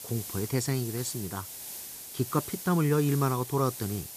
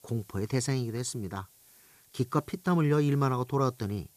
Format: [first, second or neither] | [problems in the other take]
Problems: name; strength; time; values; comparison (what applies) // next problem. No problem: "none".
second | hiss; loud; throughout; 9 dB below the speech; faint in the second